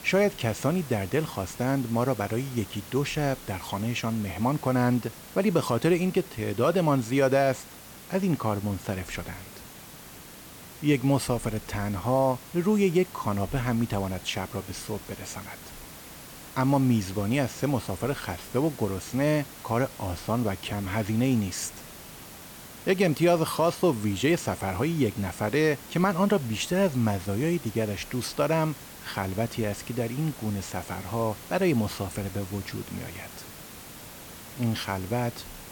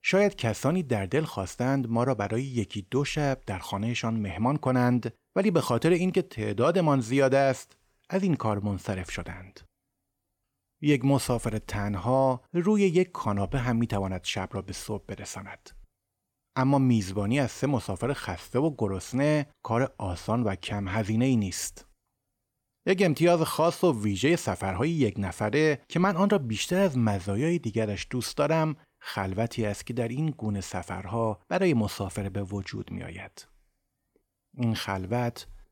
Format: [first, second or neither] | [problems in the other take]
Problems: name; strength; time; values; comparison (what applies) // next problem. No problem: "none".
second | hiss; noticeable; throughout; 15 dB below the speech